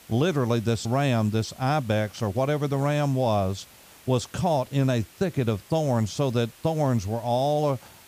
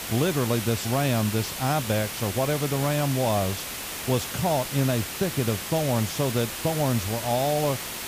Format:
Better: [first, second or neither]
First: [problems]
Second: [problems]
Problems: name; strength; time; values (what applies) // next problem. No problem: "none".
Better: first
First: hiss; faint; throughout; 25 dB below the speech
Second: hiss; loud; throughout; 5 dB below the speech